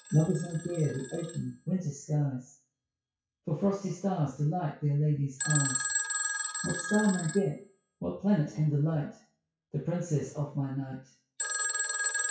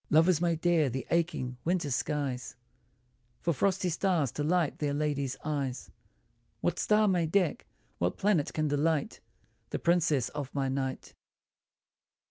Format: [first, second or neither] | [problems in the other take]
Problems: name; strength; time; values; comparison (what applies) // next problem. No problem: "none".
second | noise reduction (classical method WPE with log-MMSE)